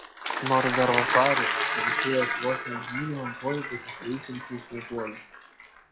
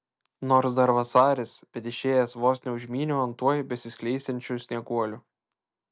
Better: second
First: noise reduction (classical method log-MMSE)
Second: none

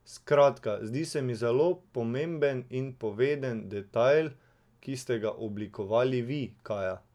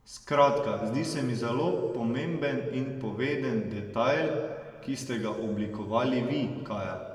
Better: first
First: none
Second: room echo; dies away in 1.9 s

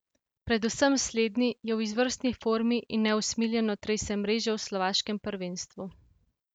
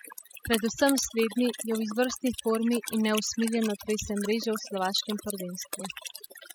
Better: first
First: none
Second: noise reduction (classical method spectral subtraction)

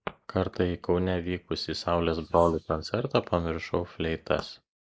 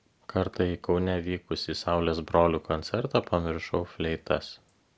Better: second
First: noise reduction (neural mask model Resemble Enhance denoiser)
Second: none

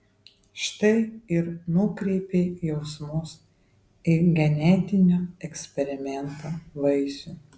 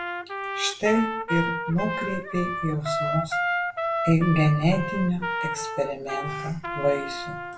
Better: first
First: none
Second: background sound (Trumpet); 4 dB below the speech // room echo; dies away in 0.2 s

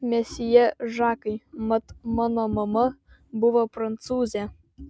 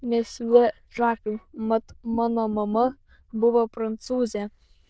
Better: first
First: none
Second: noise reduction (neural diffusion model UNIVERSE++)

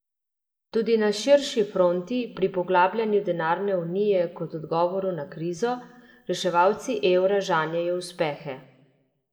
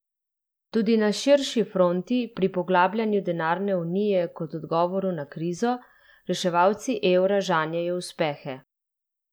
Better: second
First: room echo; dies away in 0.8 s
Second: none

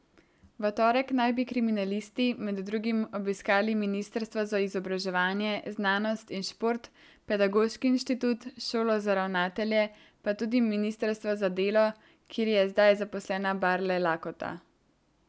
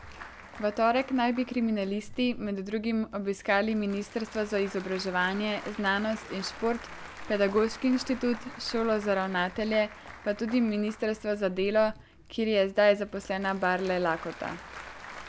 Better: first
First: none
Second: background sound (Applause / Crowd); 16 dB below the speech

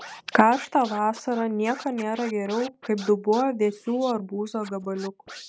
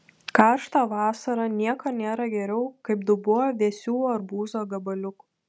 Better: second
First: noise reduction (neural mask model Resemble Enhance denoiser)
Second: none

